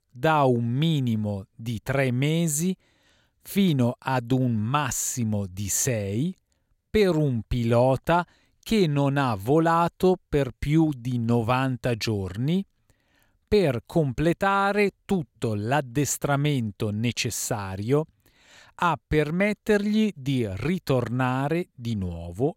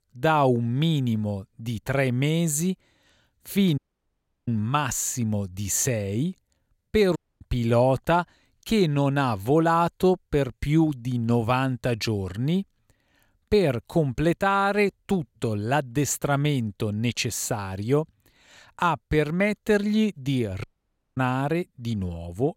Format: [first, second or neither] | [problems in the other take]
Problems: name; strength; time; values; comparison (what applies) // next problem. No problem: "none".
first | audio cutting out; at 4 s for 0.5 s, at 7 s and at 21 s for 0.5 s